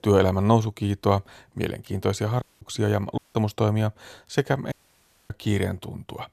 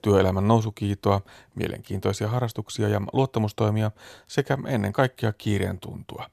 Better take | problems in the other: second | audio cutting out; at 2.5 s, at 3 s and at 4.5 s for 0.5 s

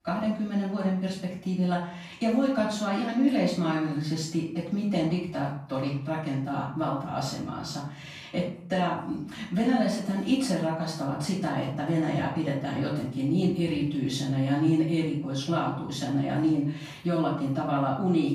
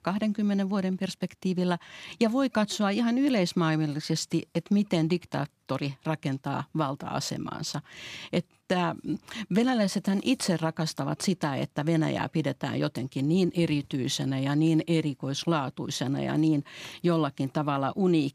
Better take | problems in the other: second | off-mic speech; far // room echo; noticeable; dies away in 0.5 s

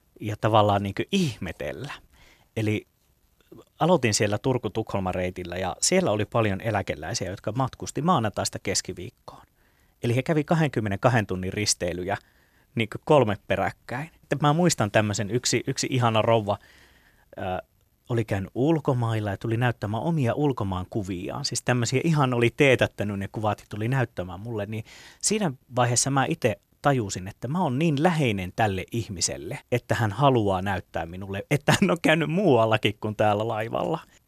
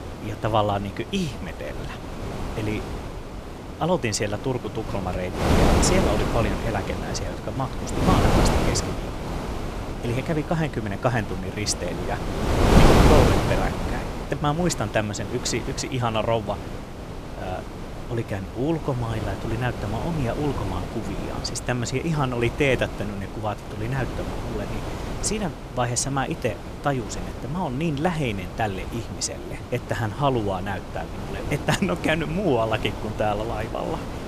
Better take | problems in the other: first | wind noise on the microphone; heavy; 3 dB below the speech

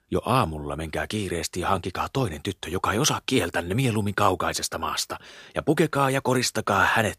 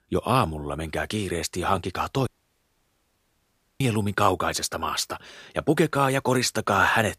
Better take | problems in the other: first | audio cutting out; at 2.5 s for 1.5 s

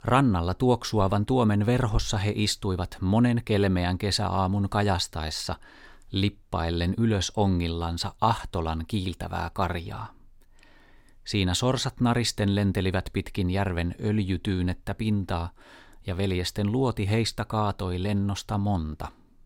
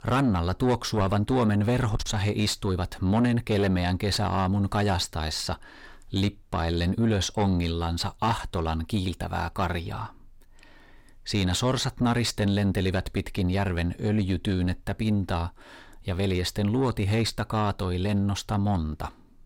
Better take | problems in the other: first | distortion; slight; 10 dB below the speech

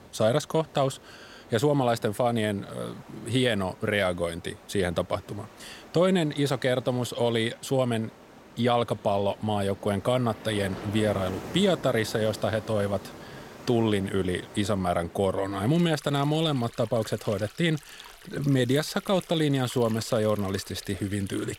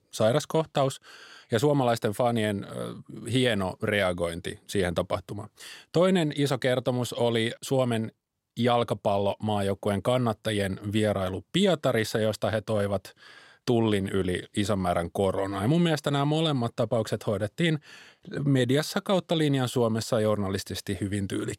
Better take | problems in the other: second | rain or running water; noticeable; throughout; 20 dB below the speech

